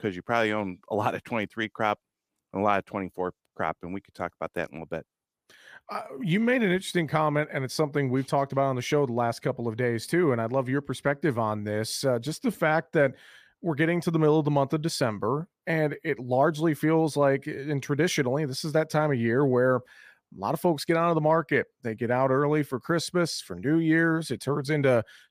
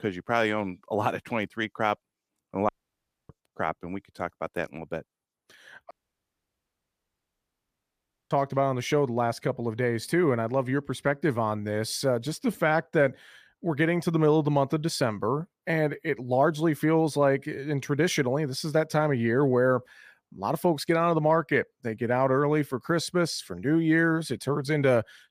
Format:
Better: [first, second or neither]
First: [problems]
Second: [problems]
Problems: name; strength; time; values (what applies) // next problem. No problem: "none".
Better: first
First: none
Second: audio cutting out; at 2.5 s for 0.5 s and at 6 s for 2.5 s